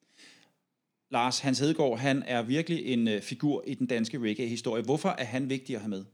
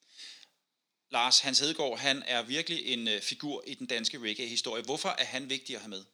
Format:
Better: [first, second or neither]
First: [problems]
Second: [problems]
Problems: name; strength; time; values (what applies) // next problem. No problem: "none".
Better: first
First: none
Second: thin; somewhat; fading below 1 kHz